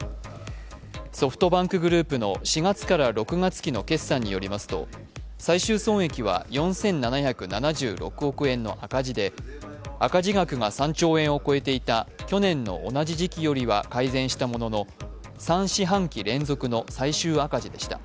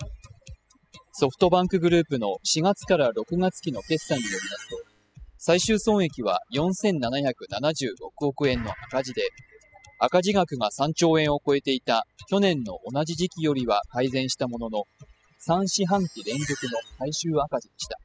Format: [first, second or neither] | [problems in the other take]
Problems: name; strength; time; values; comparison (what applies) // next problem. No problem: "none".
first | noise reduction (classical method spectral subtraction)